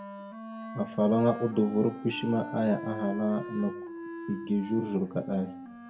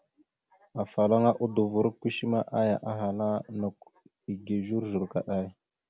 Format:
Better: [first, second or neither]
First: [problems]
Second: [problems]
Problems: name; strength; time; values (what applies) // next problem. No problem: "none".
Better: second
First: background sound (Wind instrument, woodwind instrument); 11 dB below the speech // room echo; dies away in 0.5 s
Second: none